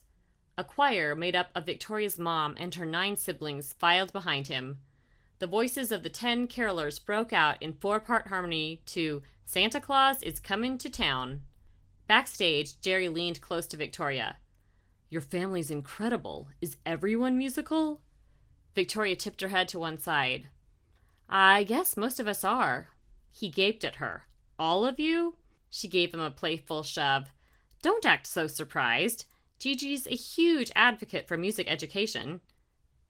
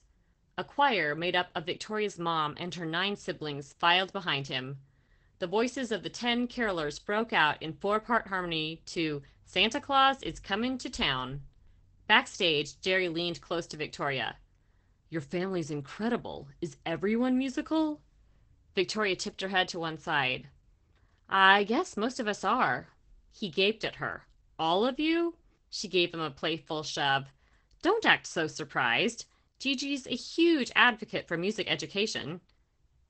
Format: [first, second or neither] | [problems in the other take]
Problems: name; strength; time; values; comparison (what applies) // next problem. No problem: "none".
first | garbled, watery; badly; nothing above 8 kHz; slightly in the first